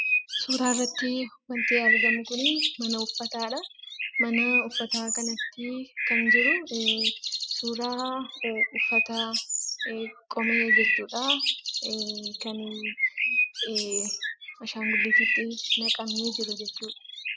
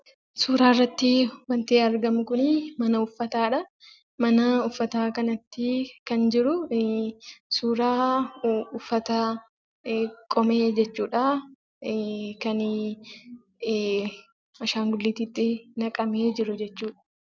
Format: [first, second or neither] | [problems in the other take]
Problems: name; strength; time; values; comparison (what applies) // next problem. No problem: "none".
second | noise reduction (classical method spectral subtraction)